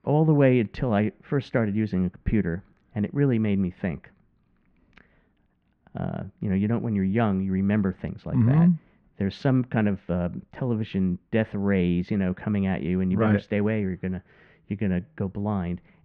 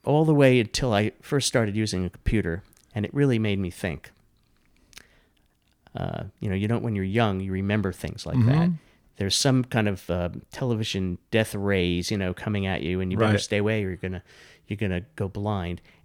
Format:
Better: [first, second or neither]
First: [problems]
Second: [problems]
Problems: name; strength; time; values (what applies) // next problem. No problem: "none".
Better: second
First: muffled; very; fading above 2 kHz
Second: none